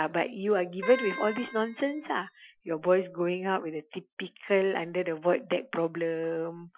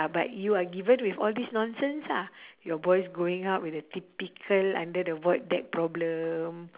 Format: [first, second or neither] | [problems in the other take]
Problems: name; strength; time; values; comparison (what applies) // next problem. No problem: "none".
second | noise reduction (classical method Wiener filter)